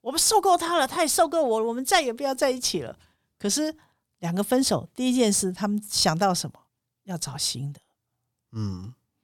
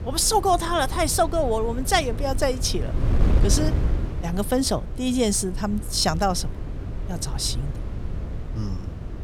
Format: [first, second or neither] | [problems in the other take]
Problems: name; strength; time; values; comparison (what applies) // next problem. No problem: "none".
first | wind noise on the microphone; occasional gusts; 15 dB below the speech